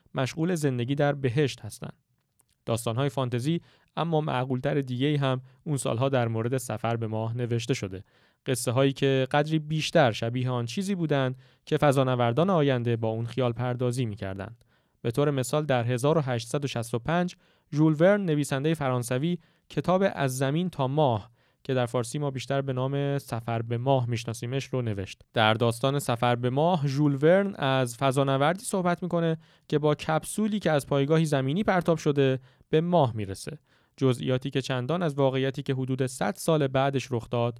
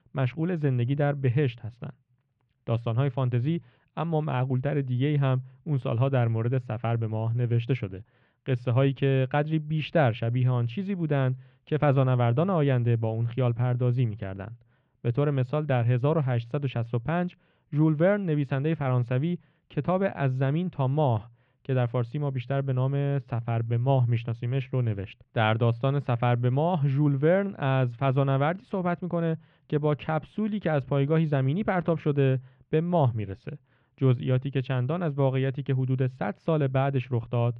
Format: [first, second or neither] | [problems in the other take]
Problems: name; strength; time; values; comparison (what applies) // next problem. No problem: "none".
first | muffled; very; fading above 2.5 kHz